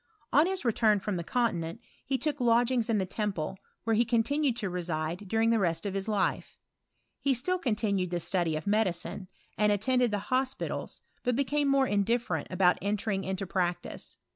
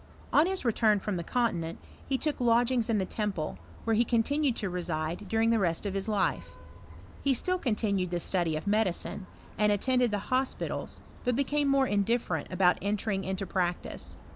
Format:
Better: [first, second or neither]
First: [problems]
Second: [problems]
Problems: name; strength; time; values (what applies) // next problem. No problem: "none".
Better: first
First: none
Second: background sound (Vehicle horn, car horn, honking); 18 dB below the speech